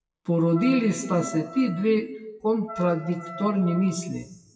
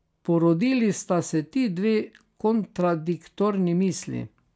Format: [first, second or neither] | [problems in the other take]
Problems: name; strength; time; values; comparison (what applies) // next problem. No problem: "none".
second | noise reduction (classical method WPE with log-MMSE)